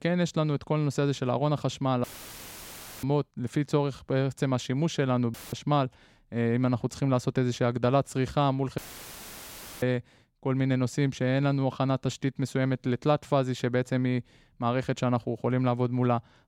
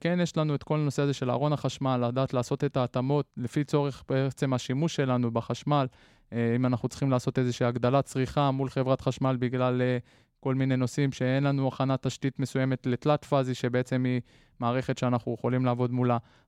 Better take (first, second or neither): second